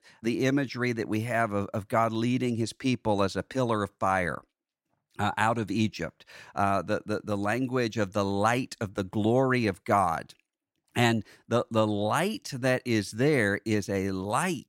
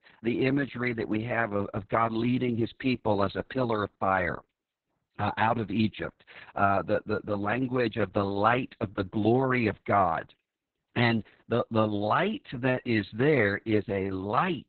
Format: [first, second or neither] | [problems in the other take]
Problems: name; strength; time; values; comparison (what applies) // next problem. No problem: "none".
first | garbled, watery; badly; nothing above 4 kHz